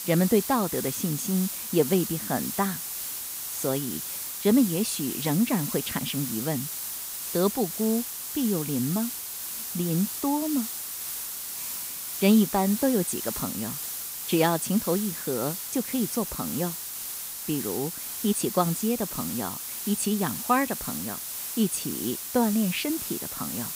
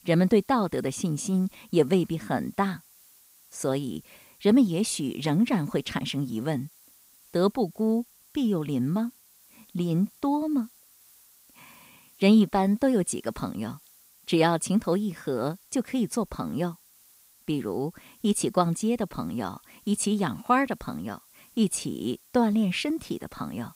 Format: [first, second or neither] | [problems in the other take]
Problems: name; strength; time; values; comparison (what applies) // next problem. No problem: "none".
second | hiss; loud; throughout; 4 dB below the speech; faint in the second